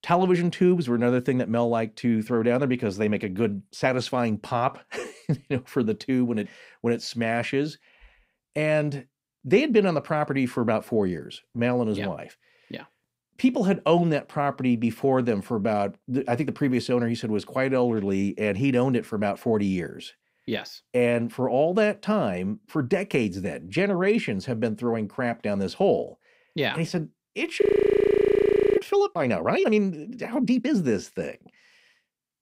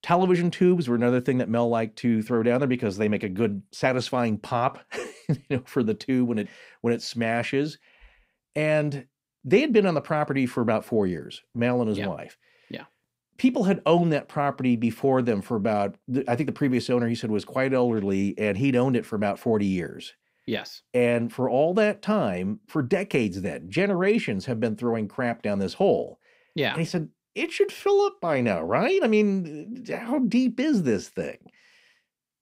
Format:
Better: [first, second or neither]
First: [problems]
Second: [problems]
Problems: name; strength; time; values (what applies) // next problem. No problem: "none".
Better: second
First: audio freezing; at 28 s for 1 s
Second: none